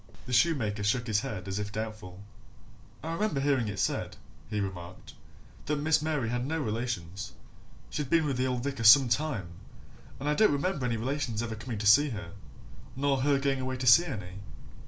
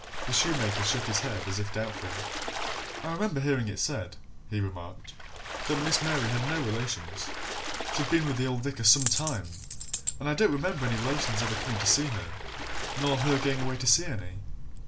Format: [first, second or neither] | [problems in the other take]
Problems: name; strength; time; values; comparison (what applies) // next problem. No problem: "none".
first | background sound (Water / Splash, splatter + Coin (dropping)); 7 dB below the speech